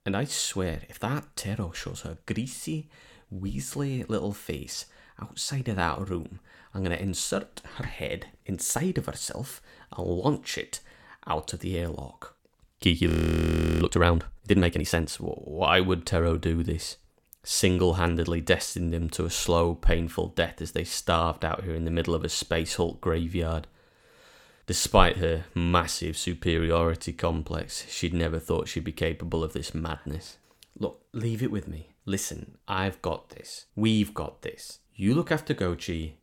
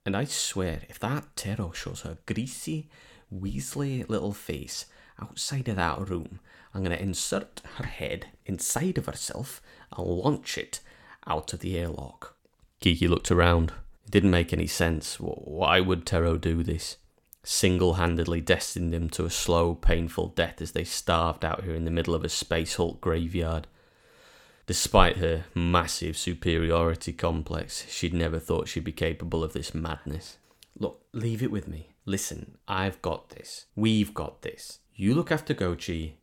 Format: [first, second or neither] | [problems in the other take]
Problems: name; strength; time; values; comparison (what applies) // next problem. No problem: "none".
second | audio freezing; at 13 s for 0.5 s